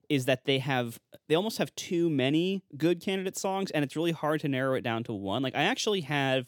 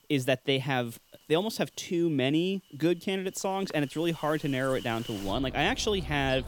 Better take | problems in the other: first | animal sounds; noticeable; throughout; 15 dB below the speech

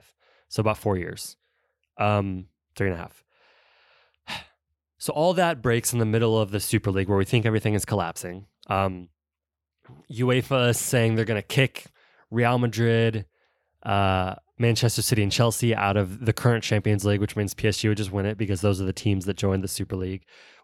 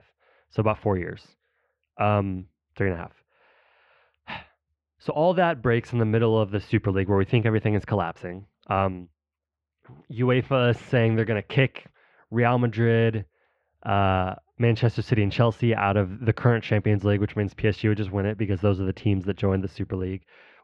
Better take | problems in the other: first | muffled; very; fading above 2.5 kHz

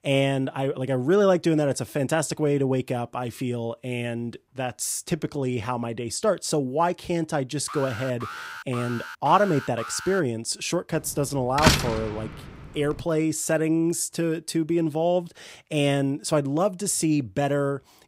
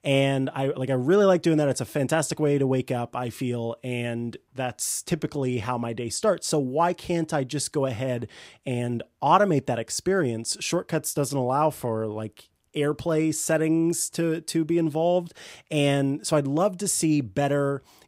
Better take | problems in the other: second | alarm; faint; from 7.5 to 10 s; peak 10 dB below the speech // door banging; loud; at 12 s; peak 5 dB above the speech

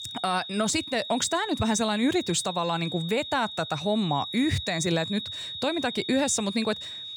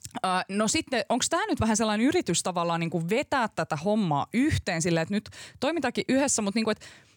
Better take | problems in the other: second | high-pitched whine; loud; throughout; 4 kHz, 8 dB below the speech

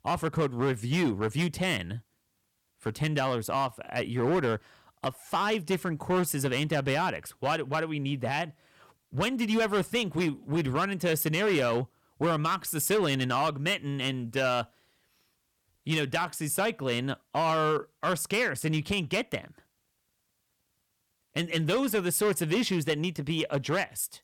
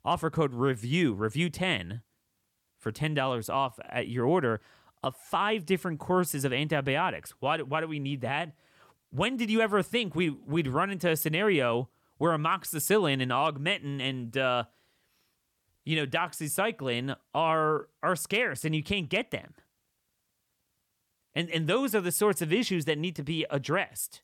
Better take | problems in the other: second | distortion; slight; 7% of the sound clipped

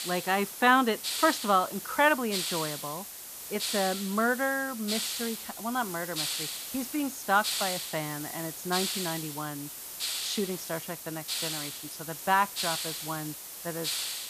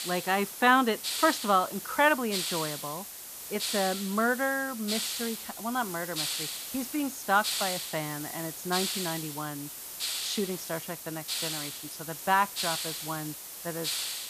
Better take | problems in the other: neither | hiss; loud; throughout; 4 dB below the speech; the same in both

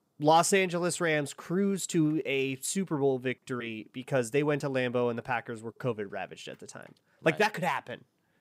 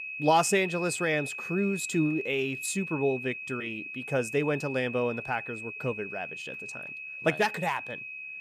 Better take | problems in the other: first | high-pitched whine; loud; throughout; 2.5 kHz, 7 dB below the speech

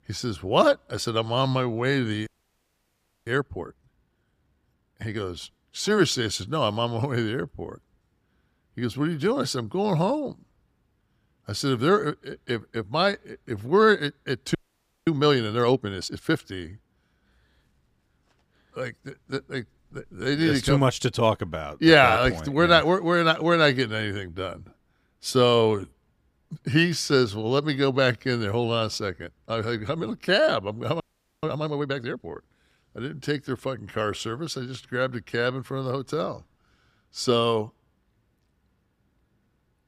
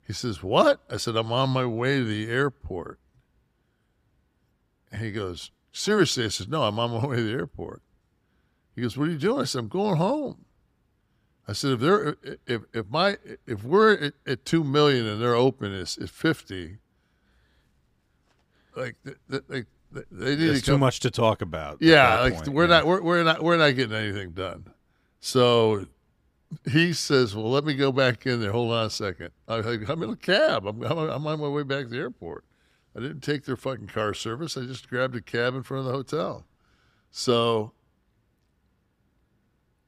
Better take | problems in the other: second | audio freezing; at 2.5 s for 1 s, at 15 s for 0.5 s and at 31 s

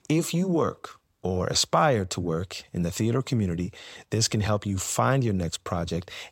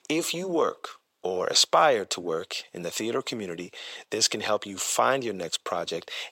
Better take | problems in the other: first | thin; somewhat; fading below 450 Hz

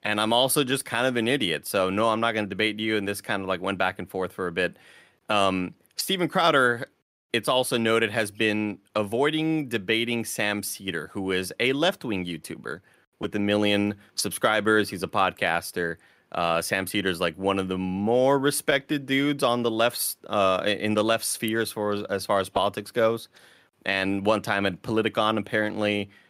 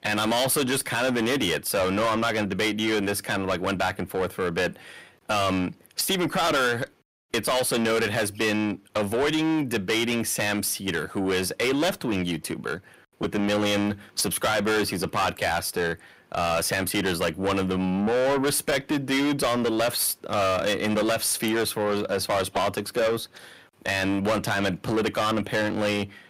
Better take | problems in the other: first | distortion; heavy; 6 dB below the speech

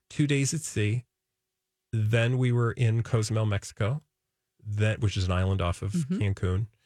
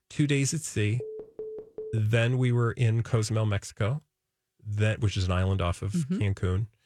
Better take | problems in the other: first | phone ringing; faint; at 1 s; peak 10 dB below the speech

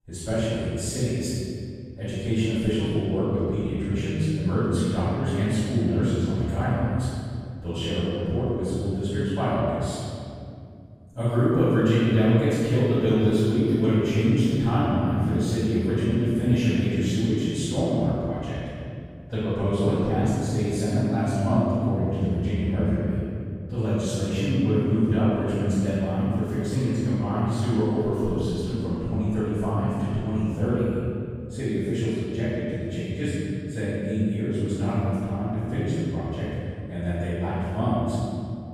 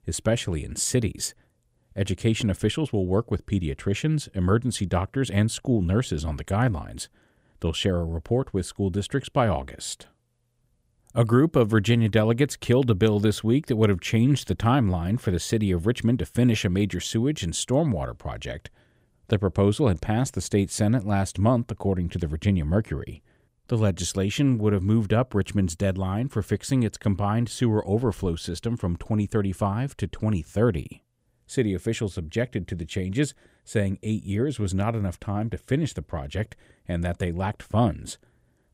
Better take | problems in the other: second | room echo; strong; dies away in 2.3 s // off-mic speech; far

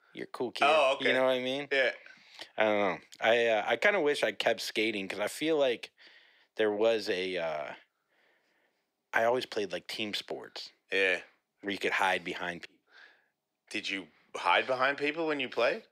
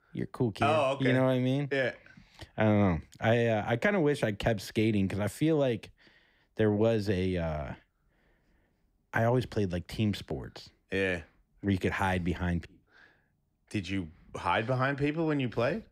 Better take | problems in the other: second | thin; somewhat; fading below 500 Hz

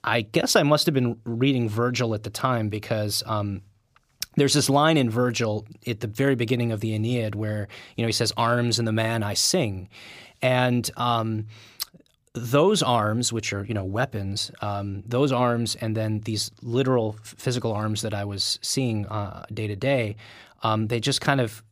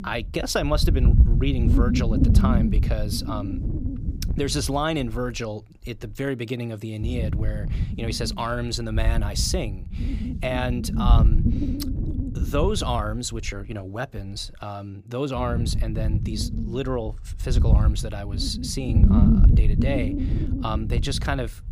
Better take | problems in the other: first | wind noise on the microphone; heavy; 5 dB below the speech

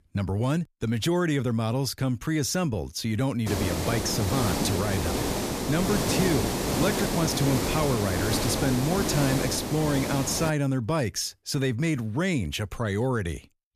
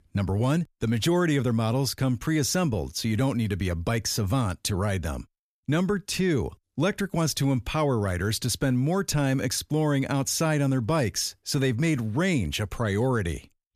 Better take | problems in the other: second | hiss; loud; from 3.5 to 11 s; 1 dB below the speech

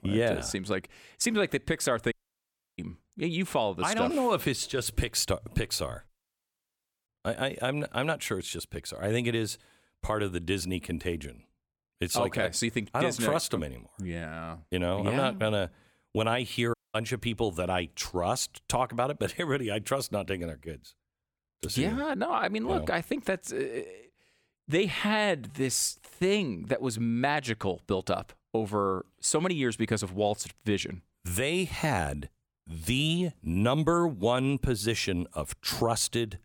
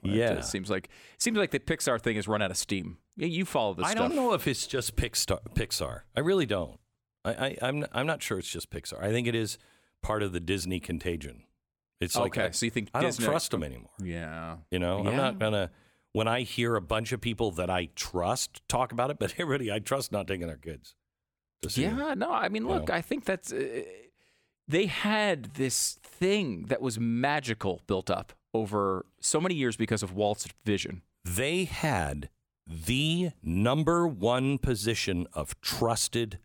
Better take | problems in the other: second | audio cutting out; at 2 s for 0.5 s, at 6 s for 1 s and at 17 s

